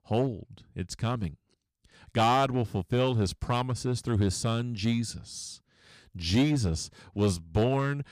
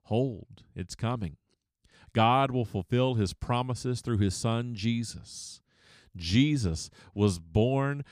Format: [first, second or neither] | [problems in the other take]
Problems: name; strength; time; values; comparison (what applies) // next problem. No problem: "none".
second | distortion; slight; 5% of the sound clipped